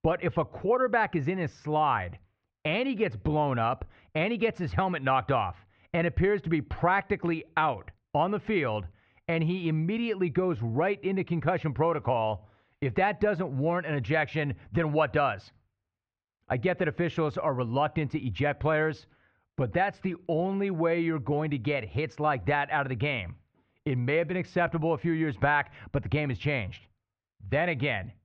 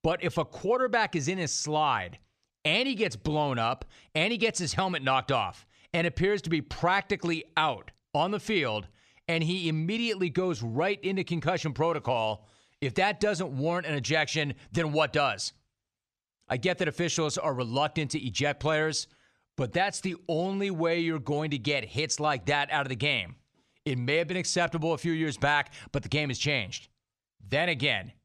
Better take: second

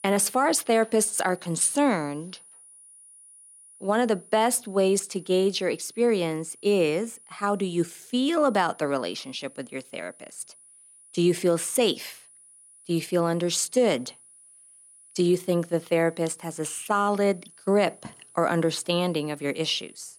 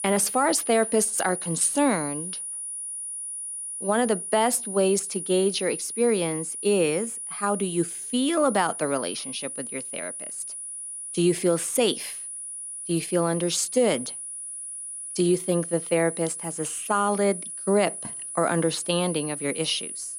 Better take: first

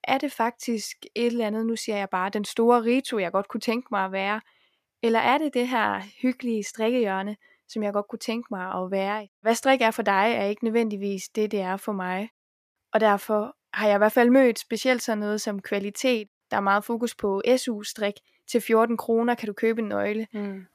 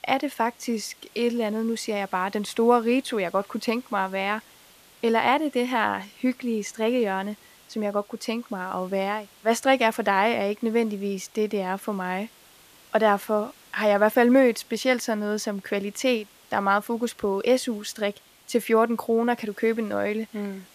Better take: first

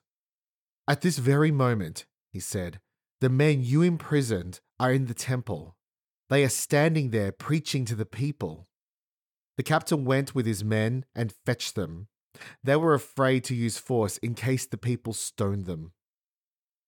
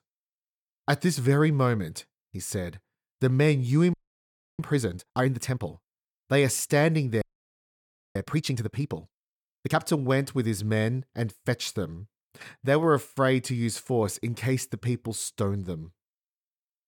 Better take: first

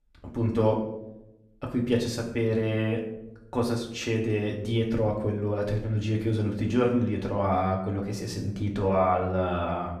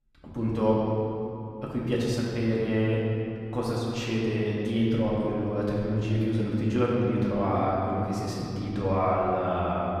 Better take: first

